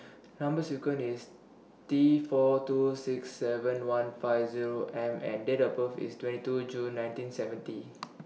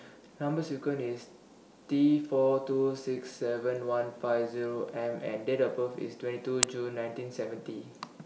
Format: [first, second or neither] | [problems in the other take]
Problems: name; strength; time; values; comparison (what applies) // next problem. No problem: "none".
first | background sound (Camera); 13 dB below the speech